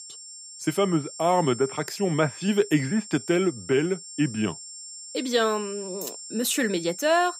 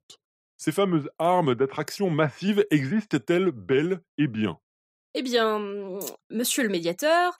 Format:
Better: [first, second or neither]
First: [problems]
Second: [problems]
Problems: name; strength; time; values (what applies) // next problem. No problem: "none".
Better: second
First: high-pitched whine; noticeable; throughout; 7.5 kHz, 15 dB below the speech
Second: none